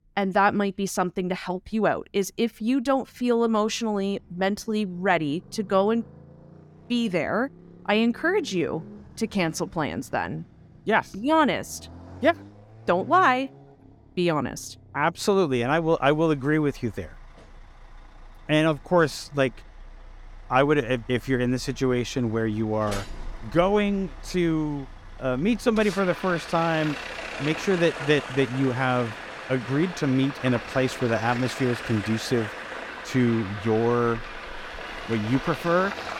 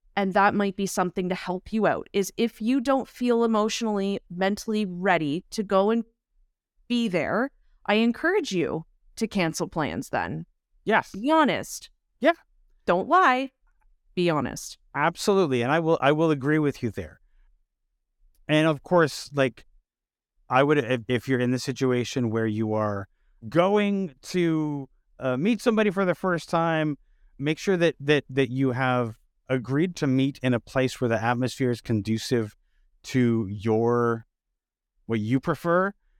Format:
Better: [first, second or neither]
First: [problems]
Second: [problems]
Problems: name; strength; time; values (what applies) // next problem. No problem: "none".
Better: second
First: traffic noise; noticeable; throughout; 15 dB below the speech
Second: none